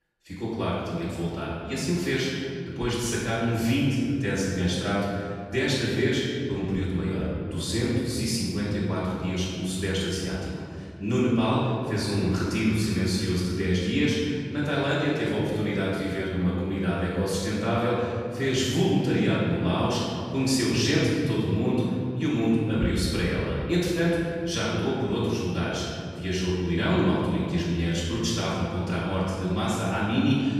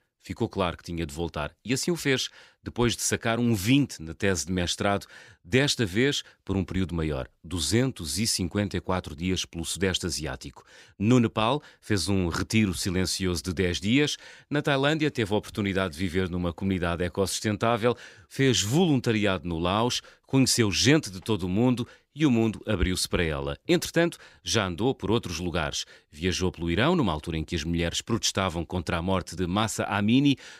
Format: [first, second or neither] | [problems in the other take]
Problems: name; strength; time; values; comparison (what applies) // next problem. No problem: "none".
second | room echo; strong; dies away in 2.4 s // off-mic speech; far